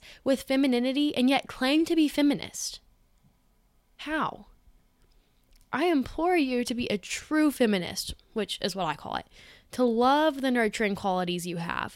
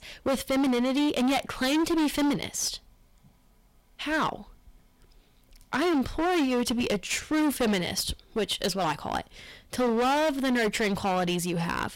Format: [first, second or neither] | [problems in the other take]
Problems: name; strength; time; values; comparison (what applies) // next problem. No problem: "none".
first | distortion; heavy; 18% of the sound clipped